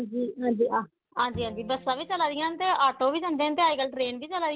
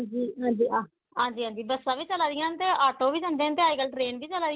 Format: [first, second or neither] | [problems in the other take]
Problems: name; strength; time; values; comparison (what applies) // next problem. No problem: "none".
second | background sound (Bowed string instrument); 20 dB below the speech